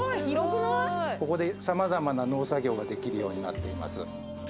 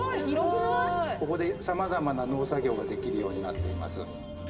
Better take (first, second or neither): first